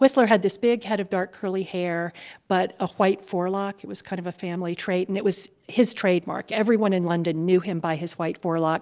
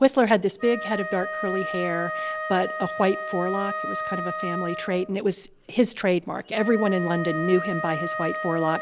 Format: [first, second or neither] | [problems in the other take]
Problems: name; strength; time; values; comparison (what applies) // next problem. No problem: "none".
first | background sound (Wind instrument, woodwind instrument); 7 dB below the speech